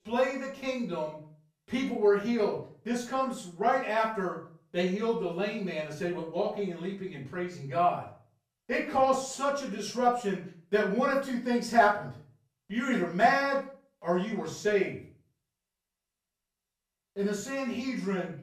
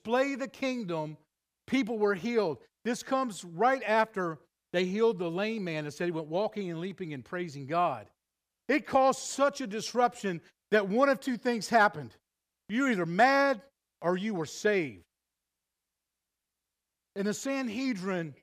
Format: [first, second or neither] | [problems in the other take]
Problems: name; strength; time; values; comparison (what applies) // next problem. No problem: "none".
second | room echo; slight; dies away in 0.4 s // off-mic speech; far